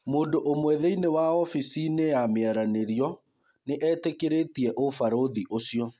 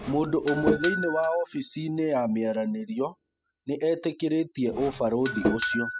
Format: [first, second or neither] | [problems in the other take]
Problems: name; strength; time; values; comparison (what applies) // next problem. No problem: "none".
first | noise reduction (classical method spectral subtraction)